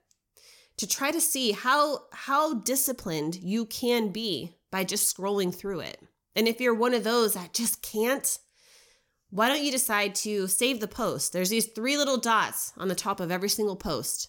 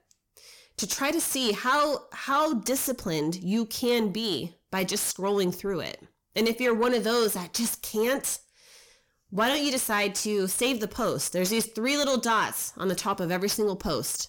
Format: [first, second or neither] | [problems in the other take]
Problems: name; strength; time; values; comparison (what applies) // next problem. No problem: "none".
first | distortion; slight; 10 dB below the speech